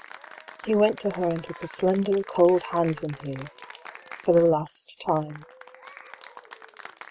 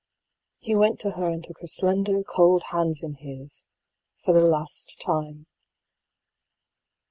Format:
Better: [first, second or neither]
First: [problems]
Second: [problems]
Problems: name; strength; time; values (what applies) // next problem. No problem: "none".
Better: second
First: background sound (Applause / Cheering); 19 dB below the speech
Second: none